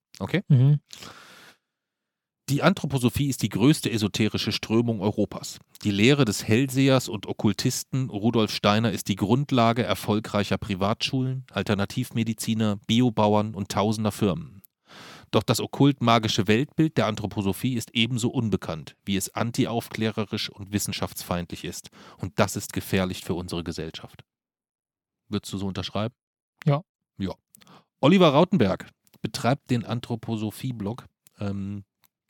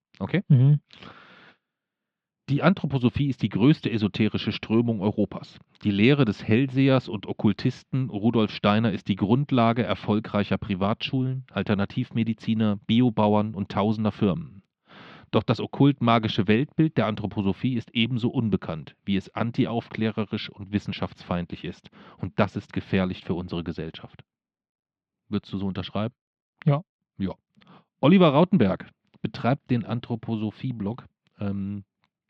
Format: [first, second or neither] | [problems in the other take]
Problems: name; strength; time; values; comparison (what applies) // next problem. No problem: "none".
first | muffled; slightly; fading above 3.5 kHz